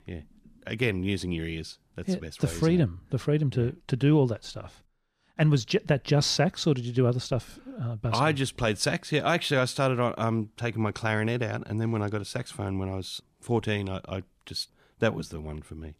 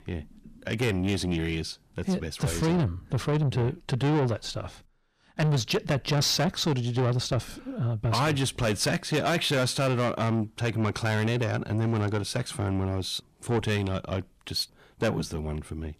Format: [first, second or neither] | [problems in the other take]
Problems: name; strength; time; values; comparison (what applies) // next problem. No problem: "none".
first | distortion; heavy; 7 dB below the speech